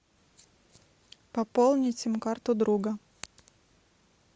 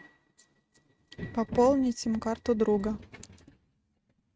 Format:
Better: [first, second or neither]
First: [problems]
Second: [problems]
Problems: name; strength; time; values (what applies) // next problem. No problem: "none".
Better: first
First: none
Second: noise reduction (neural mask model RNNoise)